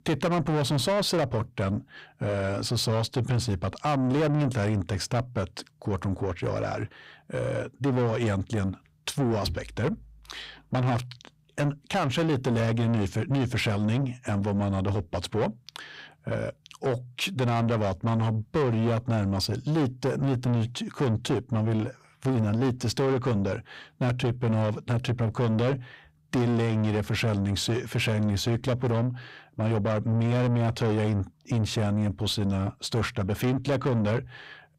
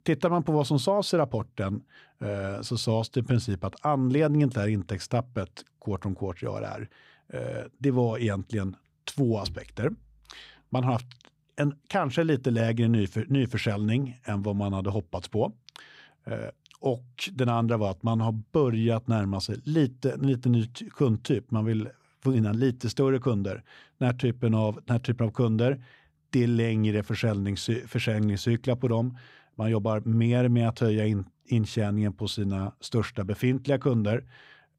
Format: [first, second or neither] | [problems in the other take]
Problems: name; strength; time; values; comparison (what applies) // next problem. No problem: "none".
second | distortion; heavy; 7 dB below the speech